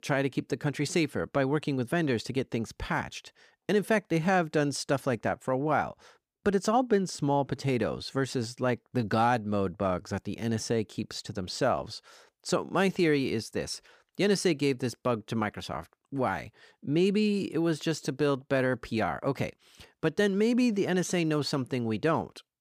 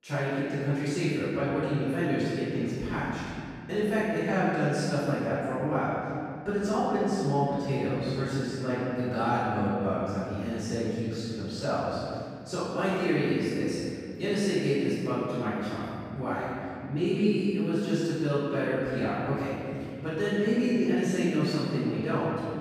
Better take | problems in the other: first | room echo; strong; dies away in 2.6 s // off-mic speech; far

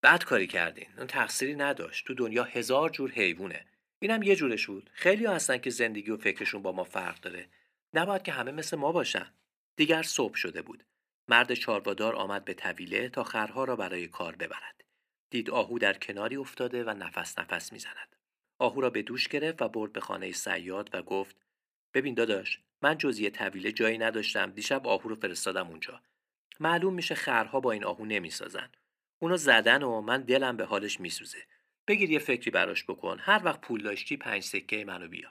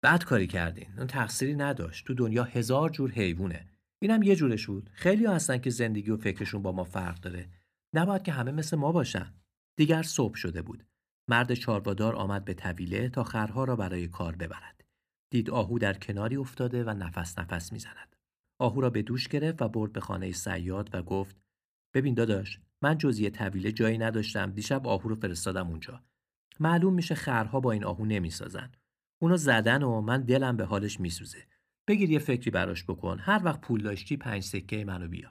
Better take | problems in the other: second | thin; somewhat; fading below 400 Hz

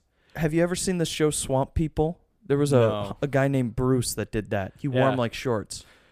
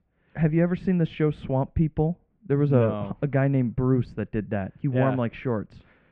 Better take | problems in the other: first | muffled; very; fading above 2.5 kHz

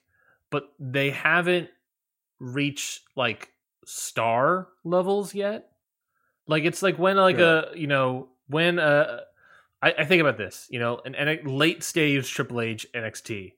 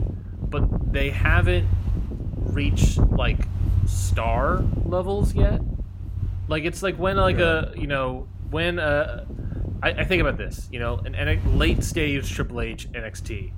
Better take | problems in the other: first | wind noise on the microphone; occasional gusts; 15 dB below the speech

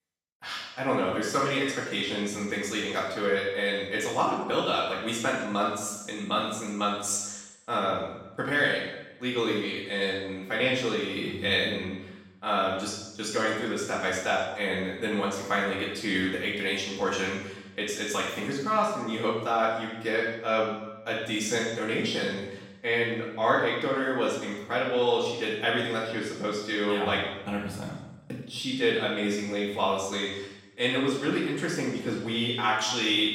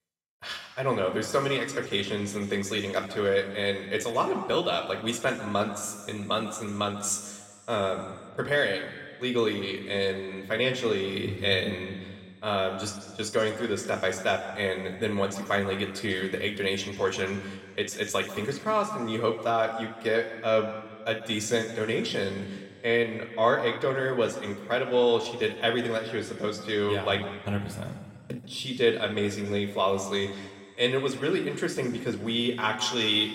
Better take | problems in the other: second | room echo; strong; dies away in 0.9 s; slight in the second // off-mic speech; far

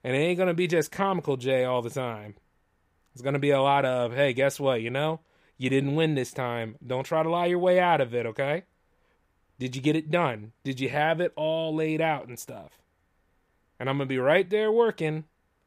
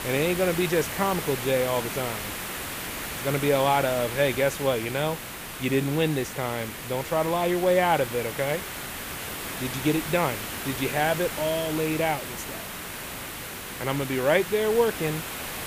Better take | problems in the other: first | hiss; loud; throughout; 7 dB below the speech

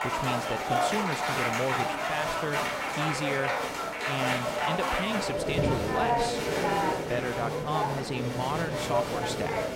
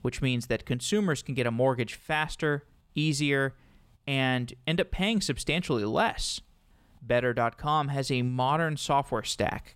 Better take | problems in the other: second | crowd noise; very loud; throughout; 4 dB above the speech

